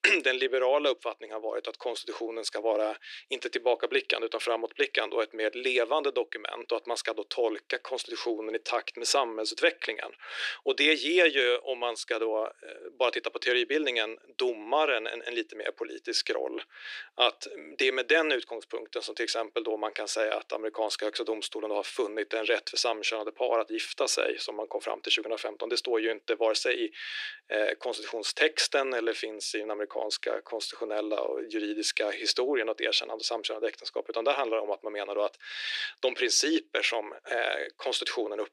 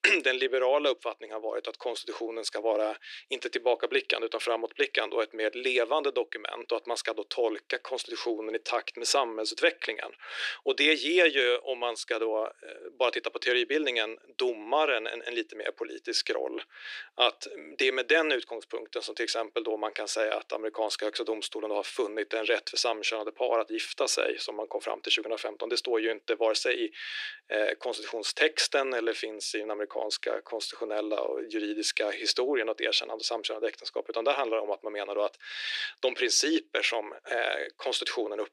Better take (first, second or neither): neither